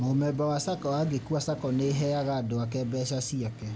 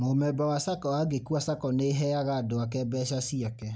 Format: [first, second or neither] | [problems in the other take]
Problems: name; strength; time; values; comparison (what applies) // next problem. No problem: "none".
second | background sound (Accelerating, revving, vroom); 17 dB below the speech